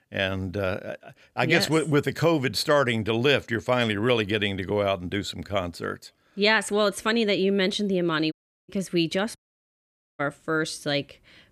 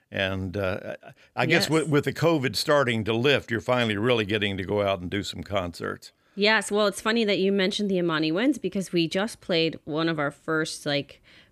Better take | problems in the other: second | audio cutting out; at 8.5 s and at 9.5 s for 1 s

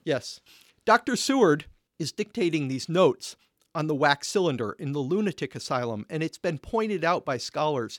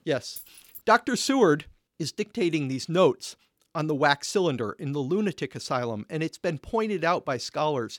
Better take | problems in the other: first | jangling keys; faint; at 0.5 s; peak 15 dB below the speech

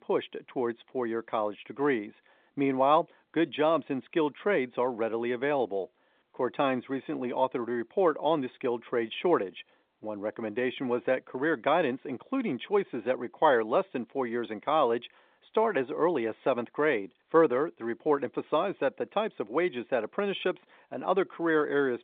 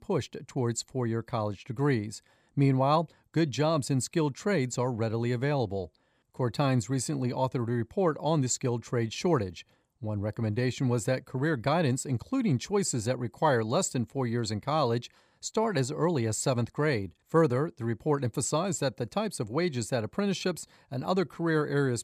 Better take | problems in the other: second | phone-call audio

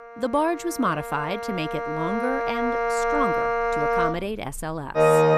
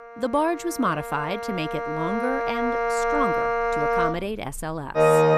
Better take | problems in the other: neither | background music; very loud; throughout; 3 dB above the speech; the same in both

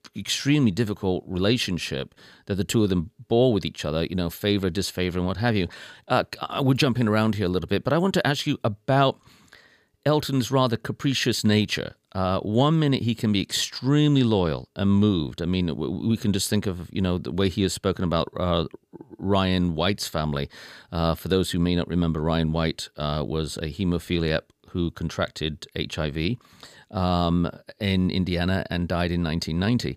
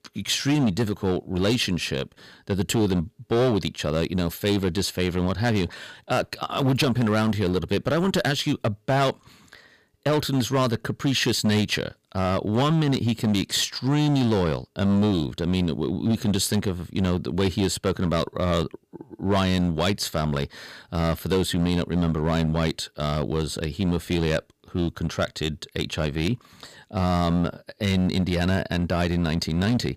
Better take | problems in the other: first | distortion; slight; 9% of the sound clipped

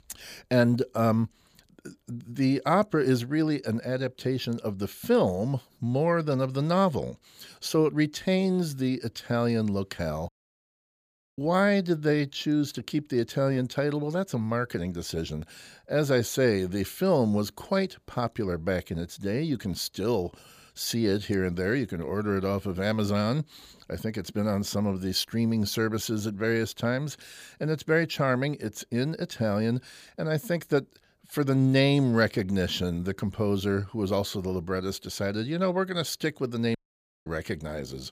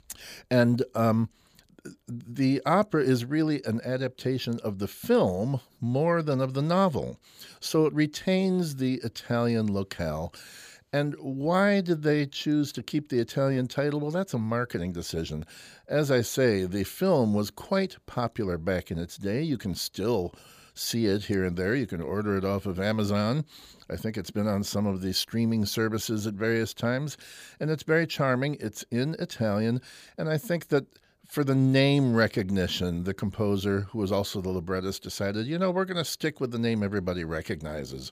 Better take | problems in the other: second | audio cutting out; at 10 s for 1 s and at 37 s for 0.5 s

